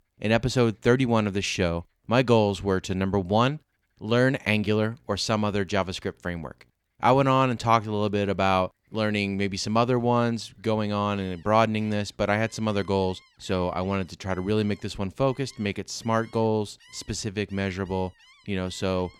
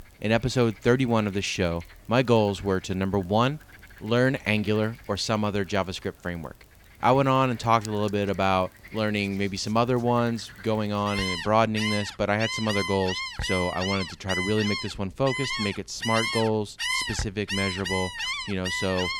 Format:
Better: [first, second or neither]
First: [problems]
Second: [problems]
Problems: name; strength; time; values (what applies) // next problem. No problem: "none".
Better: first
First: animal sounds; faint; throughout; 30 dB below the speech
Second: animal sounds; loud; throughout; 4 dB below the speech